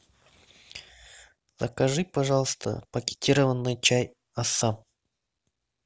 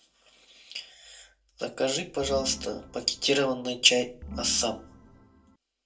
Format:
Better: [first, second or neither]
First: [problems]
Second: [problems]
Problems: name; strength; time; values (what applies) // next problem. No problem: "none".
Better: first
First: none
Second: background sound (Organ); 13 dB below the speech // room echo; dies away in 0.2 s